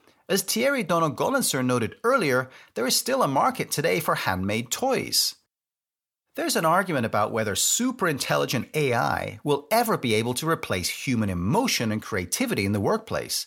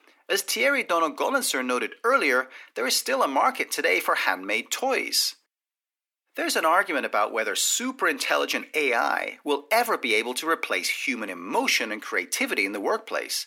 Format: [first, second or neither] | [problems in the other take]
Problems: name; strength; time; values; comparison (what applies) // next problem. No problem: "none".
first | thin; somewhat; fading below 250 Hz